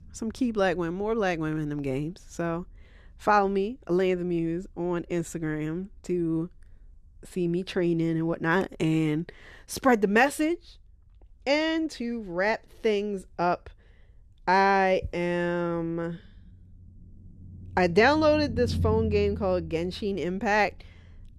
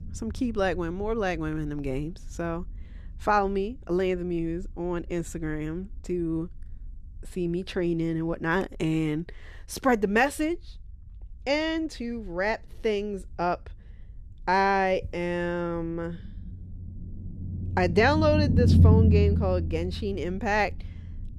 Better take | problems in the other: first | low rumble; loud; throughout; 8 dB below the speech; faint in the first

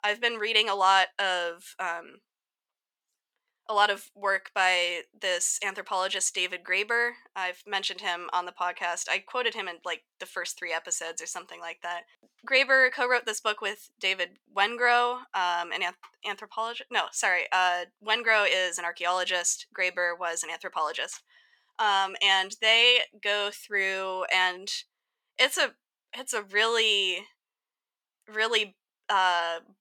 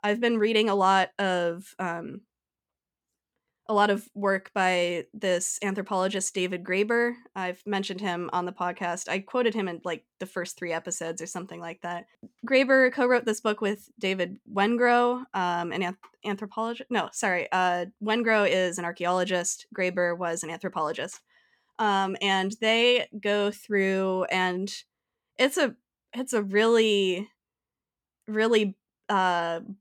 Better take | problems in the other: second | thin; very; fading below 750 Hz

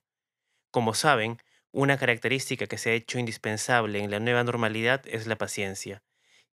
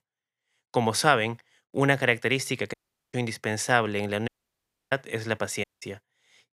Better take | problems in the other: first | audio cutting out; at 2.5 s, at 4.5 s for 0.5 s and at 5.5 s

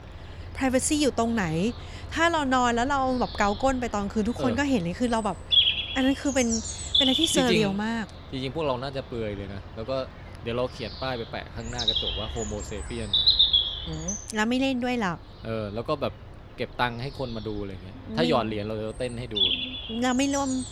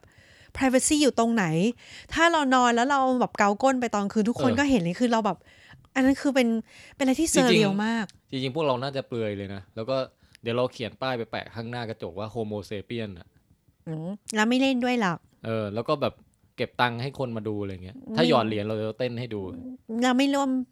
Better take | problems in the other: second | animal sounds; very loud; throughout; 3 dB above the speech

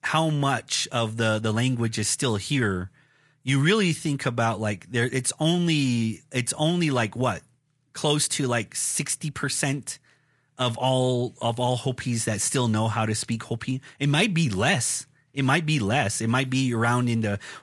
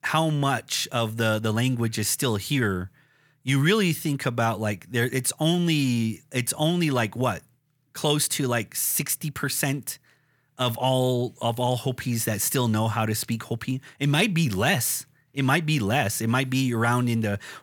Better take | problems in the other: second | garbled, watery; slightly; nothing above 10.5 kHz

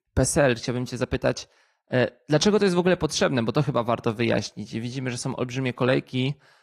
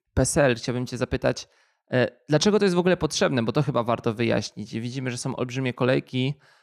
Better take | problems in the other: second | garbled, watery; slightly; nothing above 15 kHz

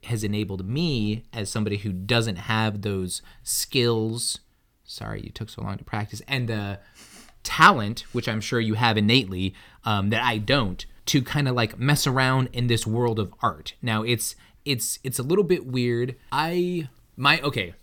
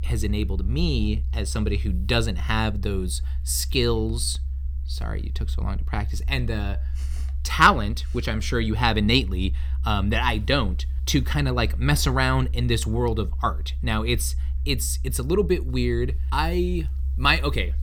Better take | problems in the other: first | low rumble; faint; throughout; 25 dB below the speech

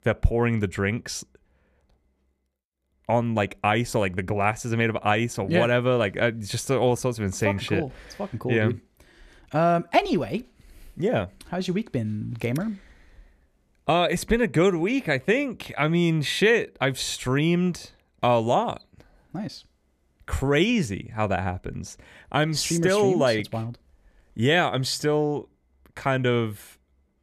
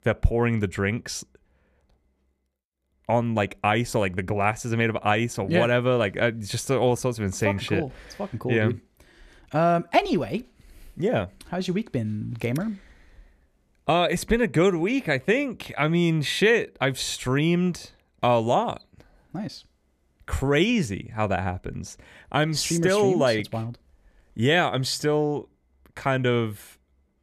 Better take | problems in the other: neither | none

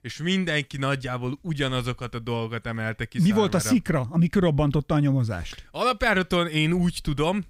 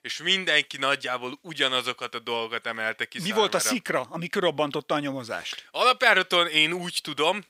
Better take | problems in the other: first | thin; very; fading below 500 Hz

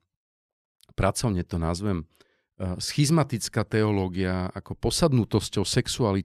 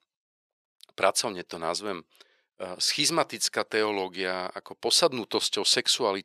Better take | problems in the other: first | thin; very; fading below 550 Hz

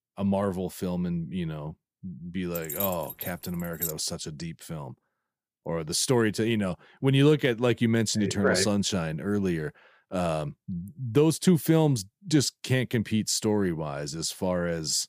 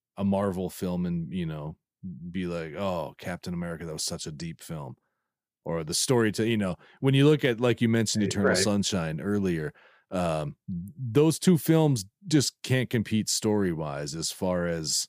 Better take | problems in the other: second | jangling keys; noticeable; from 2.5 to 4 s; peak 4 dB below the speech

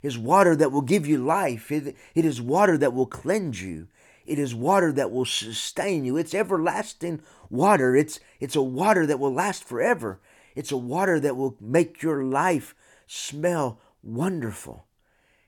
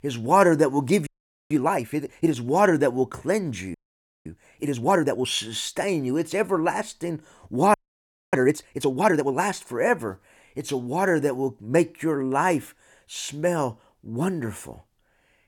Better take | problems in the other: first | audio freezing; at 1 s, at 3.5 s for 0.5 s and at 7.5 s for 0.5 s

